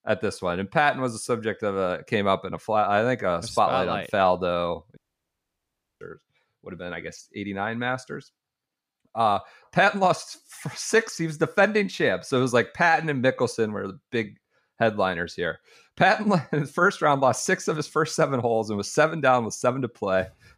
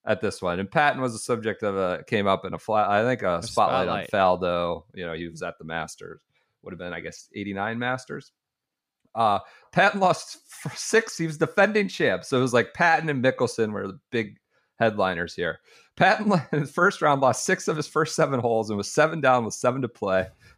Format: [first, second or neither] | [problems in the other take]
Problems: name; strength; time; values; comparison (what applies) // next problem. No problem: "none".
second | audio cutting out; at 5 s for 1 s